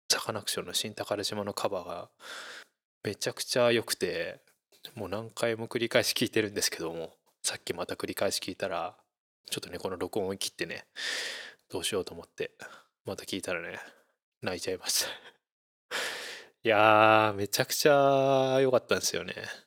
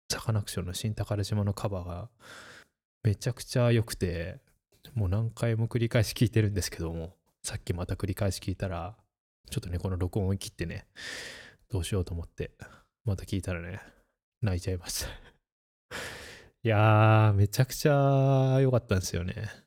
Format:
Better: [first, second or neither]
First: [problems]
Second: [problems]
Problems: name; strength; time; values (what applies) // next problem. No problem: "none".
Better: second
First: thin; very; fading below 400 Hz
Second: none